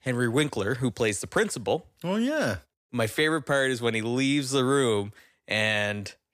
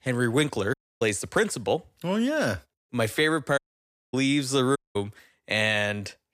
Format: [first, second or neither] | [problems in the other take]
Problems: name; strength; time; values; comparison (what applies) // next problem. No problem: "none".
first | audio cutting out; at 0.5 s, at 3.5 s for 0.5 s and at 5 s